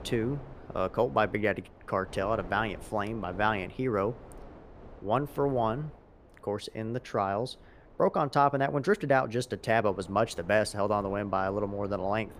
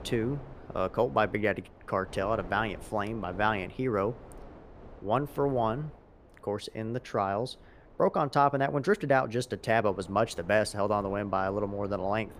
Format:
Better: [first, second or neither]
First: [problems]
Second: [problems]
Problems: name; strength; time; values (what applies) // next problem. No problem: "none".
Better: neither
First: wind noise on the microphone; occasional gusts; 25 dB below the speech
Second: wind noise on the microphone; occasional gusts; 25 dB below the speech